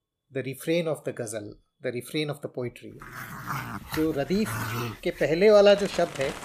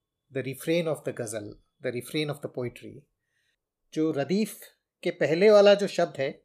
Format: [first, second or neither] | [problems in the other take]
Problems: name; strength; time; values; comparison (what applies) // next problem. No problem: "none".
second | animal sounds; noticeable; from 3.5 s on; 10 dB below the speech